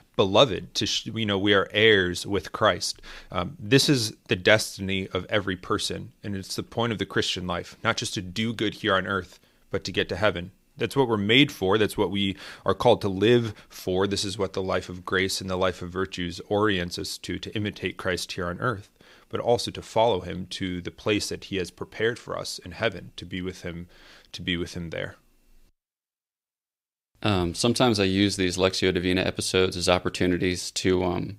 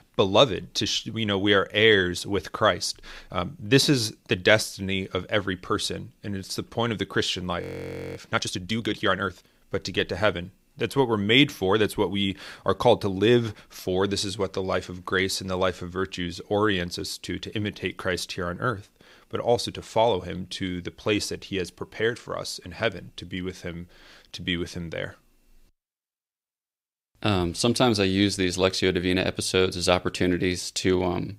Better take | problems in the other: first | audio freezing; at 7.5 s for 0.5 s

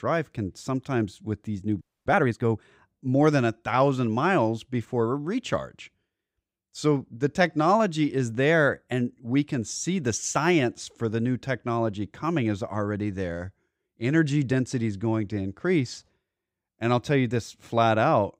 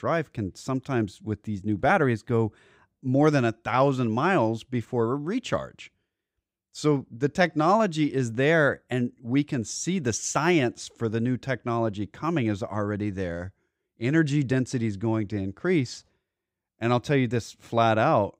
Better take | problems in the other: second | audio freezing; at 2 s

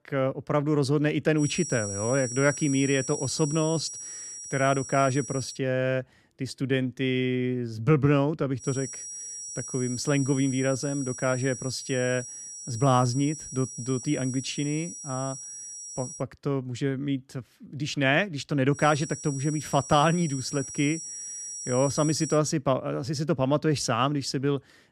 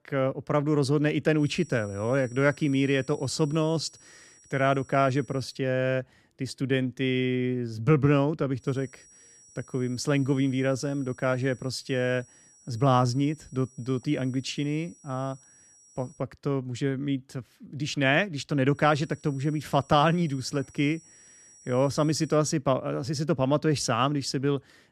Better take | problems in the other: second | high-pitched whine; loud; from 1.5 to 5.5 s, from 8.5 to 16 s and from 19 to 22 s; 5.5 kHz, 9 dB below the speech; faint in the second

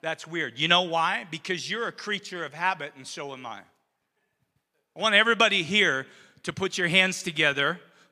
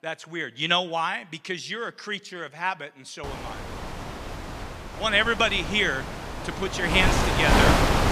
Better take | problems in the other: first | wind noise on the microphone; heavy; from 3 s on; 2 dB below the speech

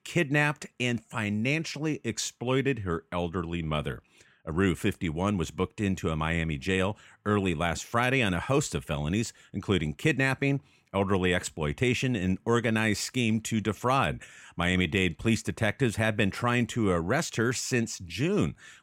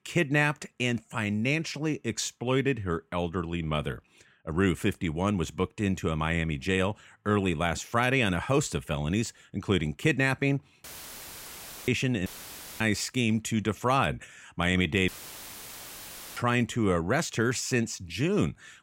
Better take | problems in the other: first | audio cutting out; filled with static; at 11 s for 1 s, at 12 s for 0.5 s and at 15 s for 1.5 s

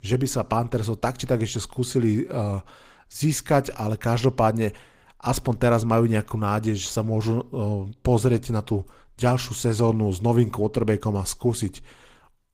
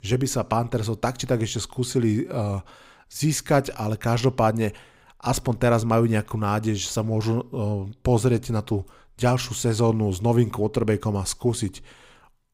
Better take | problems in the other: second | garbled, watery; slightly; nothing above 15.5 kHz

